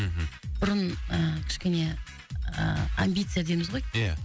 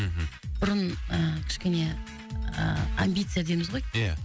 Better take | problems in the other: first | background sound (Bowed string instrument); 17 dB below the speech

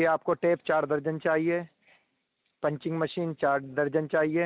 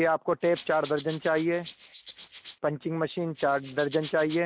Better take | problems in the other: first | noise reduction (neural mask model Resemble Enhance denoiser)

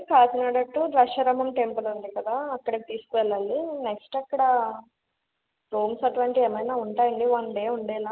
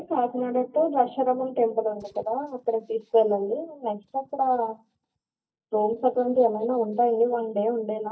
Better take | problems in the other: first | noise reduction (neural mask model DeepFilterNet 3)

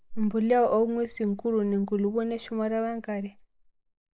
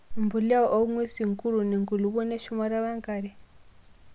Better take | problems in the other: second | noise reduction (neural mask model Resemble Enhance denoiser)

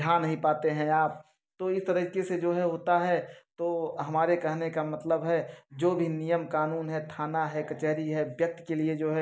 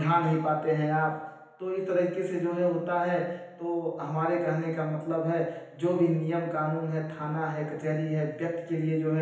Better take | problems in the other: first | room echo; dies away in 0.9 s

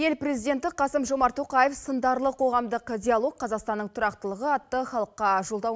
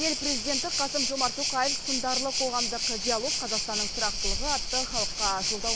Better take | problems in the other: first | background sound (Waves, surf); 3 dB above the speech

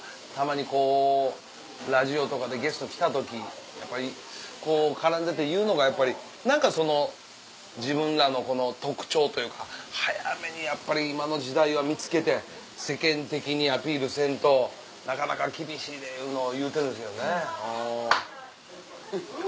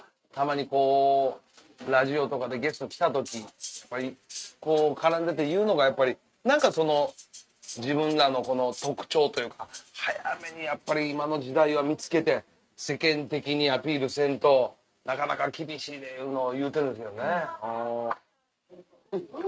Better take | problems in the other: first | noise reduction (neural mask model RNNoise)

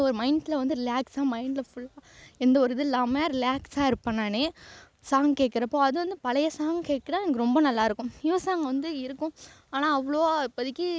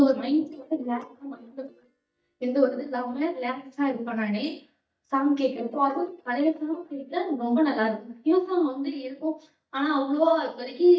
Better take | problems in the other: first | noise reduction (neural mask model DeepFilterNet 3)

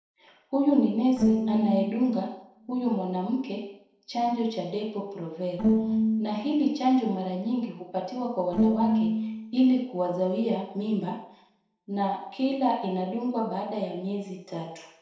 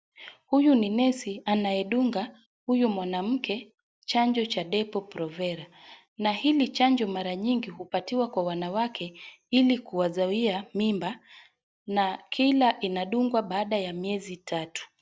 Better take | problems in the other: second | noise reduction (neural separator model SepFormer DNS4)

